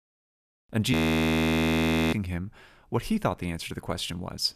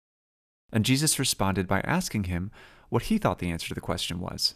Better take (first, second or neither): second